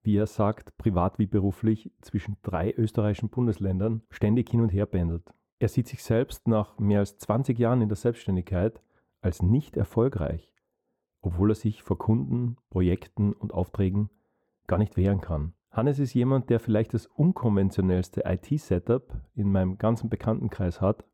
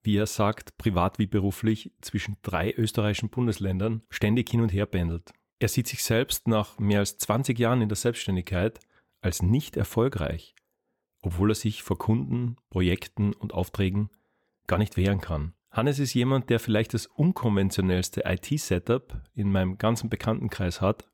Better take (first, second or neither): second